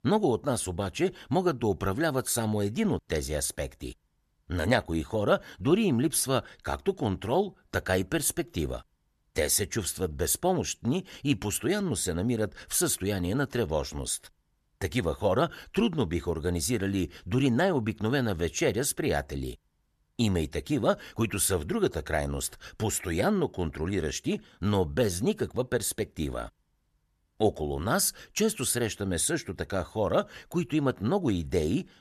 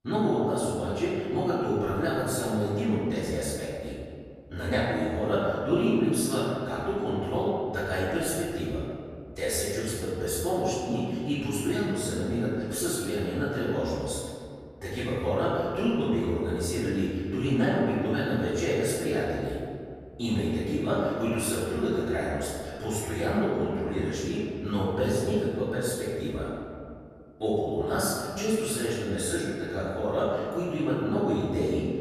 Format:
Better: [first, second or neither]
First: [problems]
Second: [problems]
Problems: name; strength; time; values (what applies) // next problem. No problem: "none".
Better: first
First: none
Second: off-mic speech; far // room echo; strong; dies away in 2 s